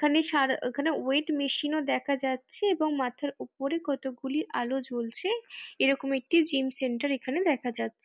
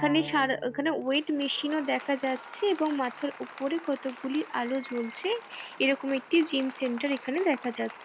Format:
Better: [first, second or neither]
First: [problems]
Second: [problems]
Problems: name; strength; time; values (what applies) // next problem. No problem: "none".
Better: first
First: none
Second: background sound (Applause); 15 dB below the speech